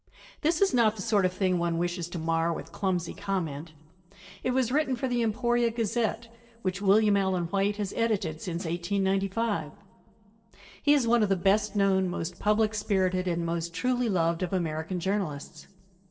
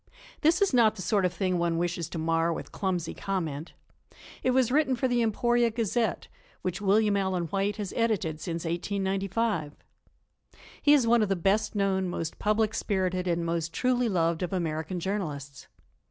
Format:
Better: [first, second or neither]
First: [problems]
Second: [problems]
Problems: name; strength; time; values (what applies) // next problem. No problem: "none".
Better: second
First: noise reduction (neural separator model SepFormer DNS4)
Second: none